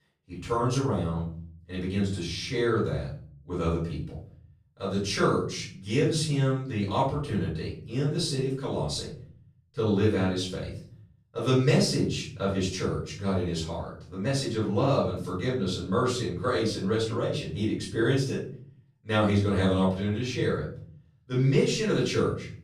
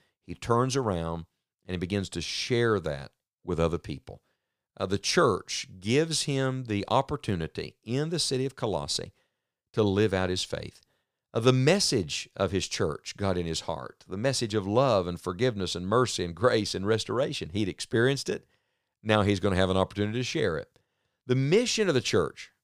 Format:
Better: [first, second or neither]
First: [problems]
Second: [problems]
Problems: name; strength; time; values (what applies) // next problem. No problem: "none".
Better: second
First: room echo; noticeable; dies away in 0.6 s // off-mic speech; far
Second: none